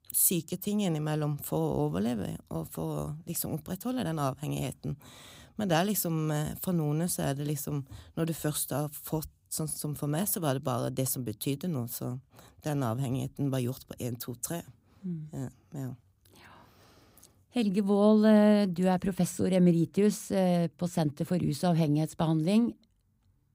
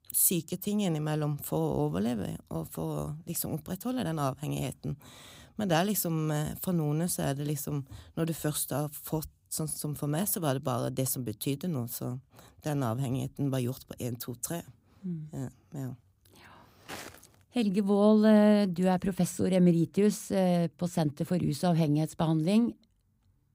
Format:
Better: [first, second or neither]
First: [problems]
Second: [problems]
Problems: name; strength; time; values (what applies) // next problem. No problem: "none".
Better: first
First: none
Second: footsteps; faint; at 17 s; peak 15 dB below the speech